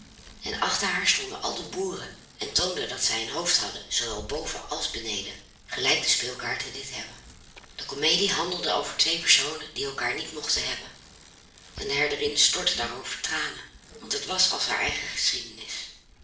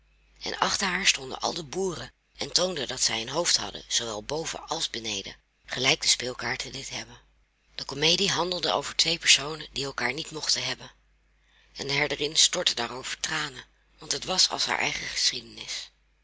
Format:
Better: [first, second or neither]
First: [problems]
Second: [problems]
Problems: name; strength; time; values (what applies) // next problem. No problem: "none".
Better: second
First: background sound (Bicycle); 20 dB below the speech // room echo; dies away in 0.5 s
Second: none